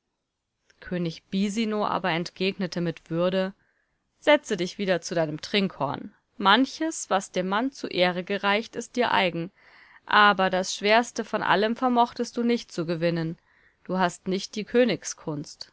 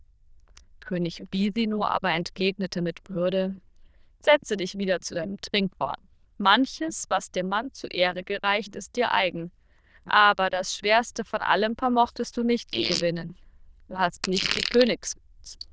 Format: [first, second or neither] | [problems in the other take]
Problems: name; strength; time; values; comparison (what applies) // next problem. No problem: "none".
first | noise reduction (neural diffusion model UNIVERSE++)